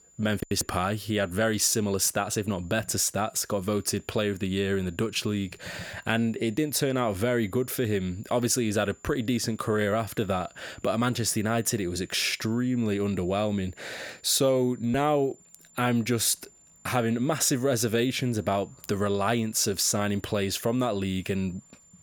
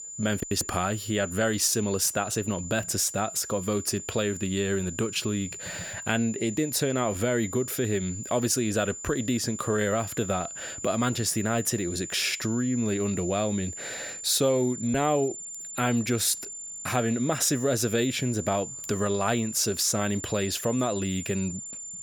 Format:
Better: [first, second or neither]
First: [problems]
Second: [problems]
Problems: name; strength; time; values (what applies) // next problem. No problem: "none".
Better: first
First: high-pitched whine; faint; throughout; 7 kHz, 30 dB below the speech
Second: high-pitched whine; loud; throughout; 7 kHz, 9 dB below the speech